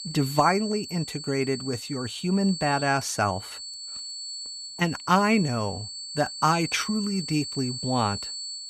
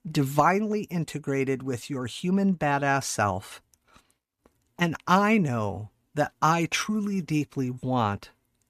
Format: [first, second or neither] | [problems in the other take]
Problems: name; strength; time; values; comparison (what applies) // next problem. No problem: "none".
second | high-pitched whine; loud; throughout; 4.5 kHz, 8 dB below the speech